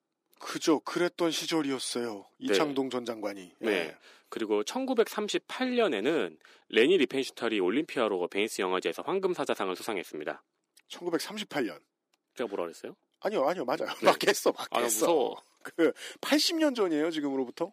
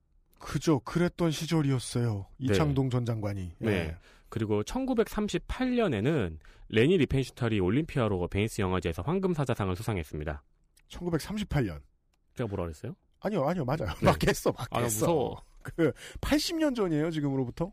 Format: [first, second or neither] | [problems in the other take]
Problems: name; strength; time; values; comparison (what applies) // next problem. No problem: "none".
second | thin; somewhat; fading below 250 Hz